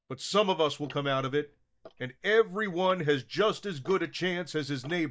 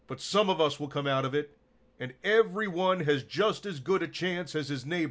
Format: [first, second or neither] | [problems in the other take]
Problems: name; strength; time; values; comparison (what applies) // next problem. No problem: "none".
second | noise reduction (neural mask model DeepFilterNet 3)